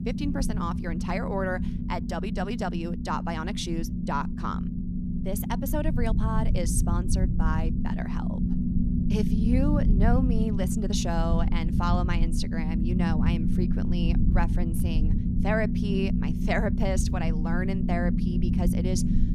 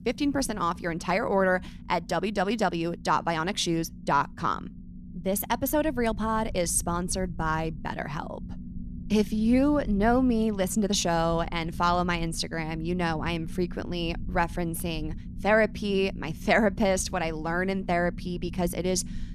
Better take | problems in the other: second | low rumble; loud; throughout; 4 dB below the speech; faint in the second

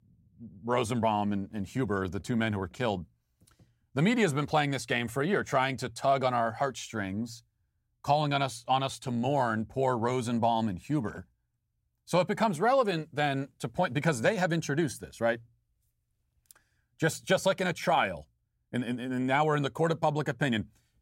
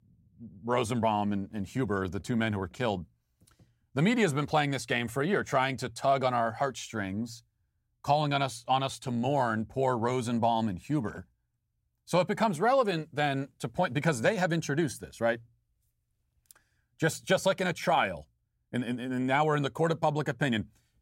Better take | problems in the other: neither | none

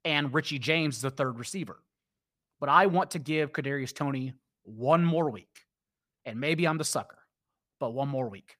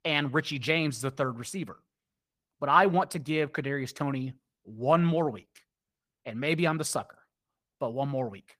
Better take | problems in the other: first | garbled, watery; slightly; nothing above 15 kHz

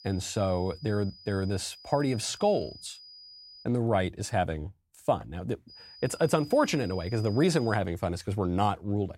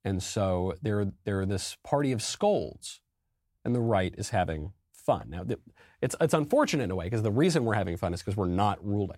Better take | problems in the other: second | high-pitched whine; noticeable; until 3.5 s and from 5.5 to 8 s; 5 kHz, 20 dB below the speech

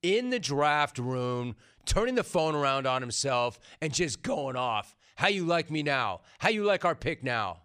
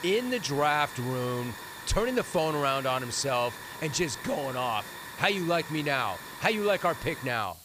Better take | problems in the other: first | hiss; noticeable; throughout; 10 dB below the speech

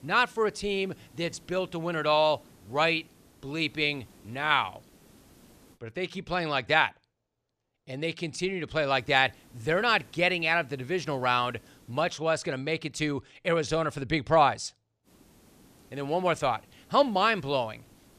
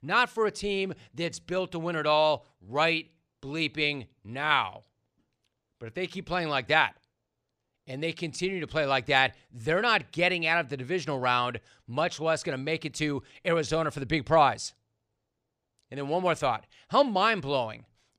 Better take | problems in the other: second | hiss; faint; until 6 s, from 9 to 12 s and from 15 s on; 30 dB below the speech

